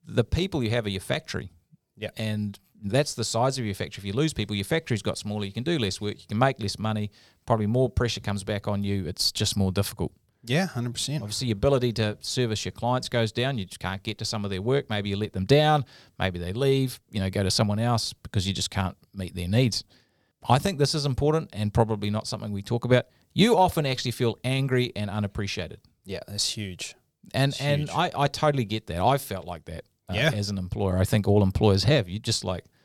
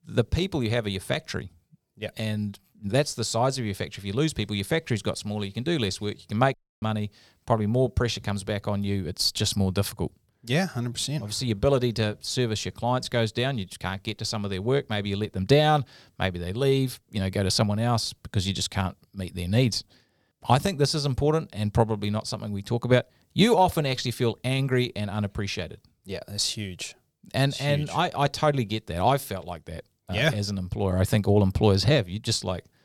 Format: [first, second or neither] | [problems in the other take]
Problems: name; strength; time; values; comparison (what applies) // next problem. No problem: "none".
first | audio cutting out; at 6.5 s